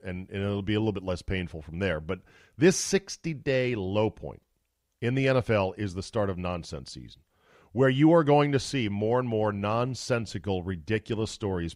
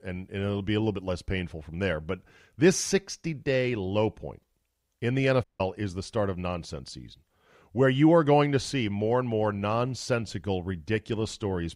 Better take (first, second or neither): first